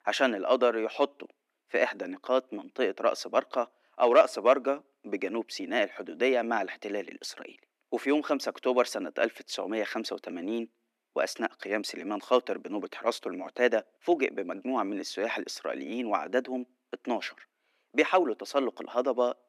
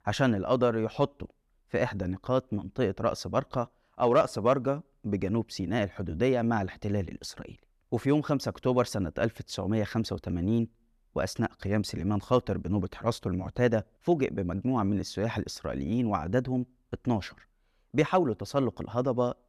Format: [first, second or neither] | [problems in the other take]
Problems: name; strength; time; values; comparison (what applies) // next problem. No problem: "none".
second | thin; somewhat; fading below 250 Hz